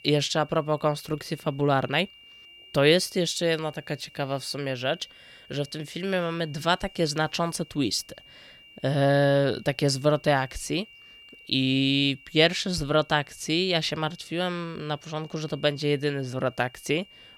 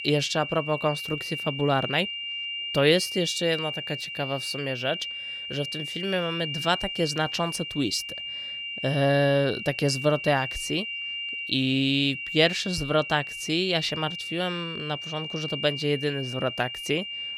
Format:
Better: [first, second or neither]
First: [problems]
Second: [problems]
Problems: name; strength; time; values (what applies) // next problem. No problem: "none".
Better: first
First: high-pitched whine; faint; throughout; 3 kHz, 25 dB below the speech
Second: high-pitched whine; loud; throughout; 3 kHz, 5 dB below the speech